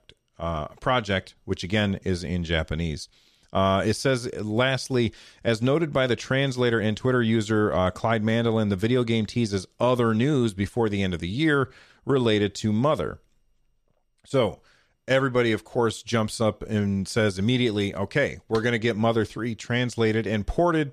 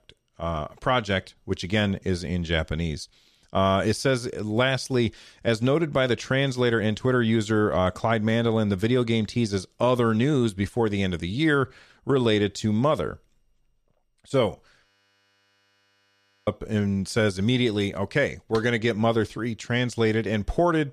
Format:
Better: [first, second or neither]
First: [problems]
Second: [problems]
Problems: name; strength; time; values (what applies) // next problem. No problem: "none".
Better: first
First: none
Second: audio freezing; at 15 s for 1.5 s